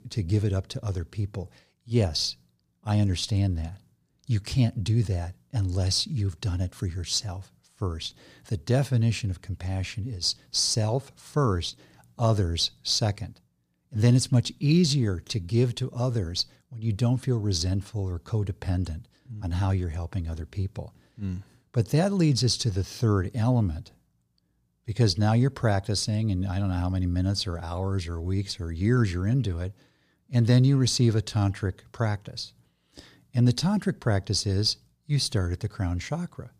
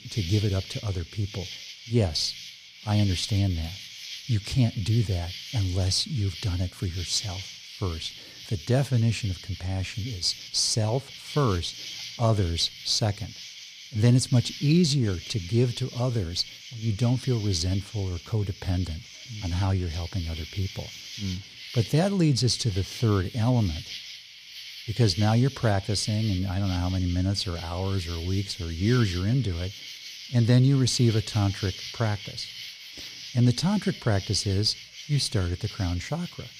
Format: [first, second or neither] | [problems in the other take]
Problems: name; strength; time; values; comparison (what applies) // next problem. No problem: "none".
first | animal sounds; noticeable; throughout; 10 dB below the speech